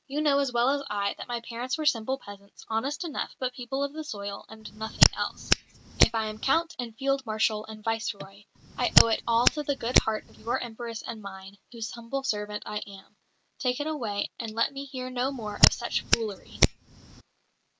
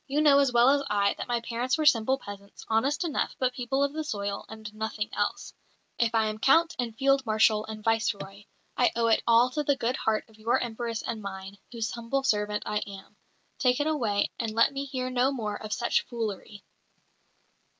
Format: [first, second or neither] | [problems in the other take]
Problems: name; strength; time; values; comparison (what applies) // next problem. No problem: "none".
second | background sound (Hands); 4 dB above the speech